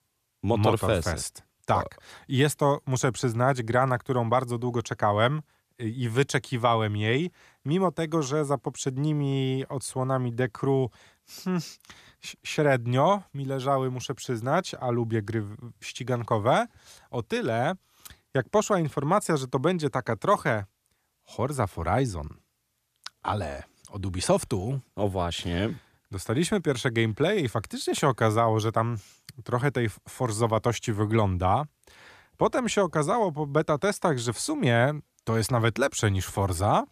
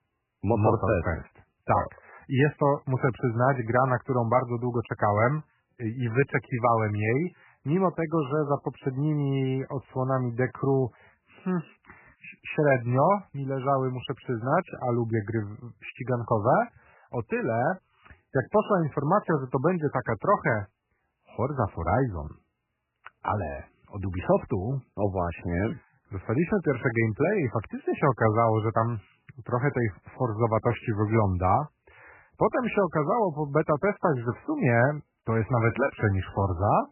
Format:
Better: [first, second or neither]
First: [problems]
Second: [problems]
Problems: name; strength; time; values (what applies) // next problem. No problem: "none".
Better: first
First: none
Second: garbled, watery; badly; nothing above 3 kHz